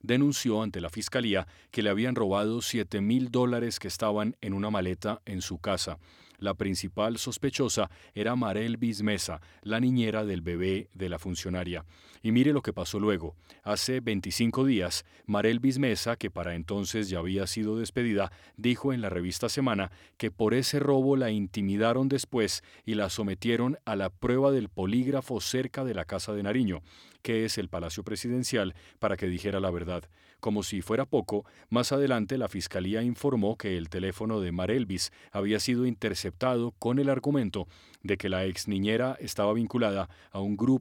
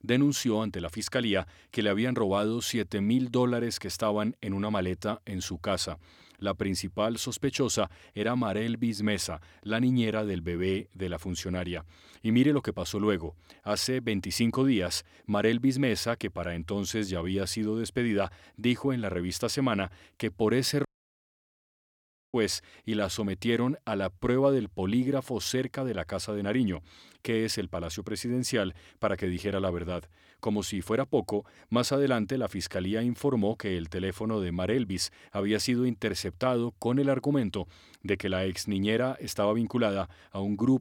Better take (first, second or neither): first